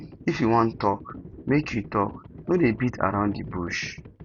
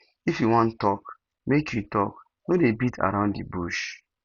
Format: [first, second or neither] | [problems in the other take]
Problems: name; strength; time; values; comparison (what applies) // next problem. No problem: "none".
second | background sound (Livestock, farm animals, working animals); 16 dB below the speech